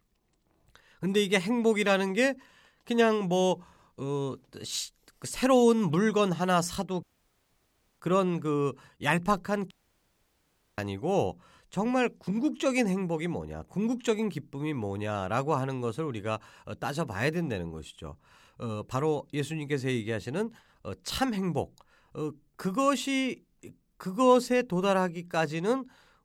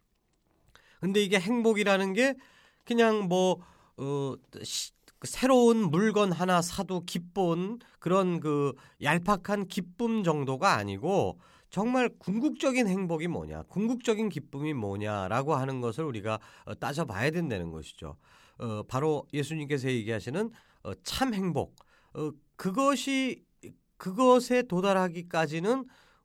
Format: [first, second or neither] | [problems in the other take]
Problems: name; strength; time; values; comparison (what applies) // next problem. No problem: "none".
second | audio cutting out; at 7 s for 1 s and at 9.5 s for 1 s